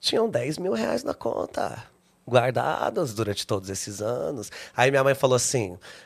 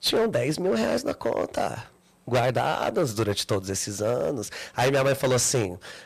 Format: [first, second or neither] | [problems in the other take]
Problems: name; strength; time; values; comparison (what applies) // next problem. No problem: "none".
first | distortion; heavy; 10% of the sound clipped